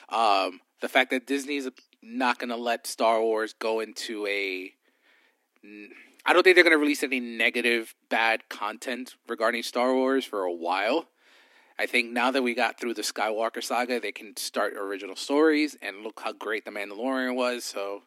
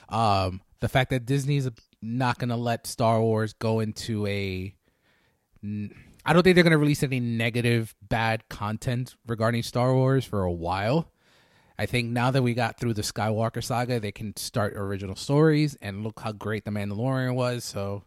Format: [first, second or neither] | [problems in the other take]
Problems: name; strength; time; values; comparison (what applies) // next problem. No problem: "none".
second | thin; somewhat; fading below 250 Hz